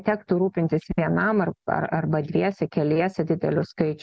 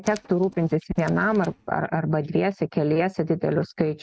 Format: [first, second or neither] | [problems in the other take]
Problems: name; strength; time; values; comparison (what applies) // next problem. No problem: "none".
first | noise reduction (neural mask model RNNoise)